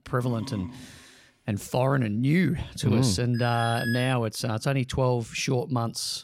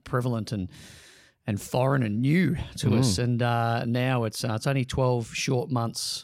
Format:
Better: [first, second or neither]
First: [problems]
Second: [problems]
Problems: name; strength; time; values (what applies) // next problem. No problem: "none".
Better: second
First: dog barking; faint; at the start; peak 15 dB below the speech // alarm; noticeable; at 3.5 s; peak 6 dB below the speech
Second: none